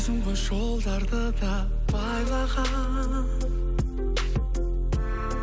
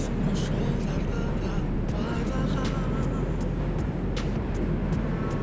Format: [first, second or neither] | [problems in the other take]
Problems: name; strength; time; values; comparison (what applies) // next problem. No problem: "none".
first | background sound (Train); 3 dB above the speech